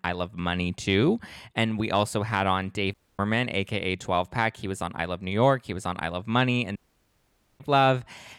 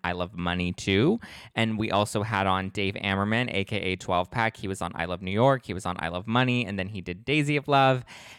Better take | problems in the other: second | audio cutting out; at 3 s and at 7 s for 1 s

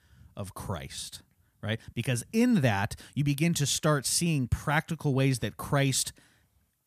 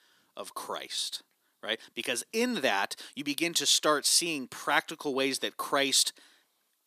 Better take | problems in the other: first | thin; somewhat; fading below 300 Hz

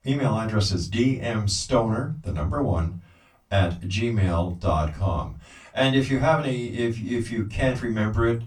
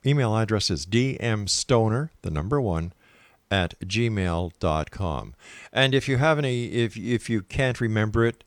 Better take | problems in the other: second | off-mic speech; far // room echo; very slight; dies away in 0.3 s

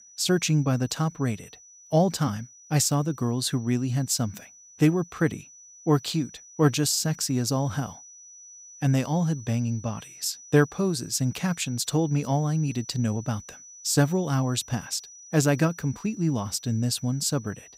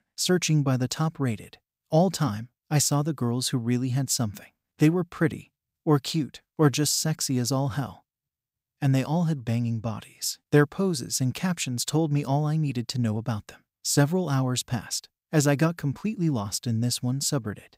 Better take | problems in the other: second | high-pitched whine; noticeable; throughout; 6 kHz, 20 dB below the speech

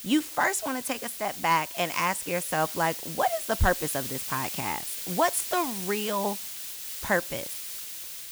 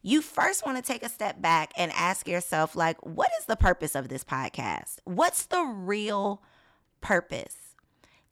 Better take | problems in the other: second | hiss; loud; throughout; 5 dB below the speech

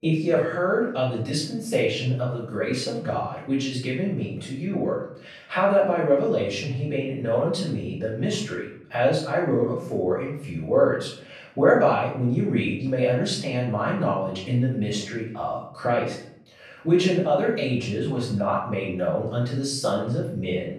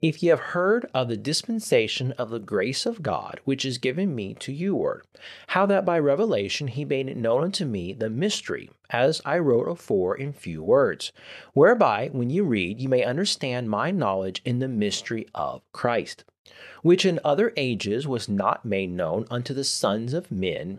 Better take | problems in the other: second | off-mic speech; far // room echo; noticeable; dies away in 0.6 s

